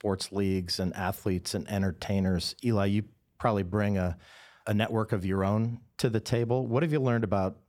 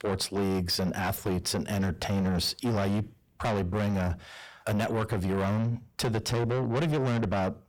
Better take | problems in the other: first | distortion; heavy; 5 dB below the speech

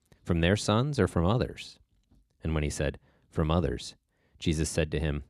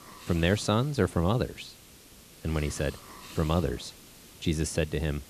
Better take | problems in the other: first | hiss; noticeable; throughout; 20 dB below the speech

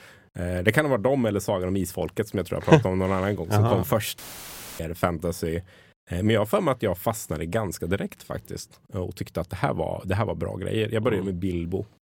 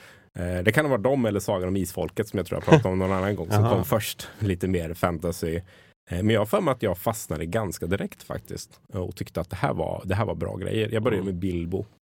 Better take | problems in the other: second | audio cutting out; filled with static; at 4 s for 0.5 s

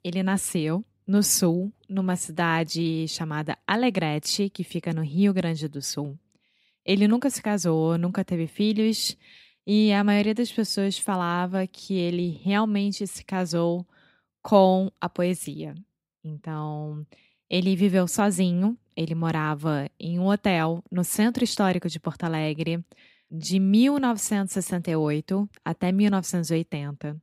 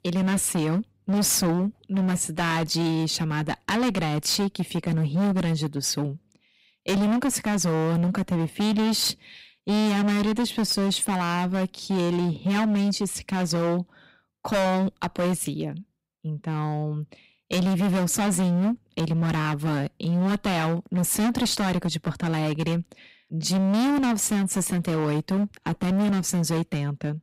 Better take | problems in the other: first | distortion; heavy; 23% of the sound clipped

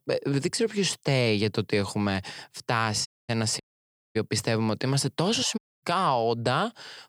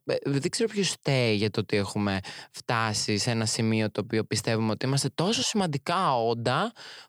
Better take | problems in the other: second | audio cutting out; at 3 s, at 3.5 s for 0.5 s and at 5.5 s

